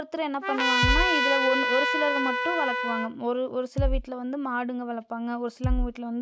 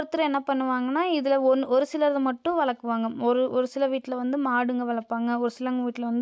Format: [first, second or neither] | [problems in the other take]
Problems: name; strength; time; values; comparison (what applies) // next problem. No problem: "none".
second | background sound (Trumpet + Bass drum); 4 dB above the speech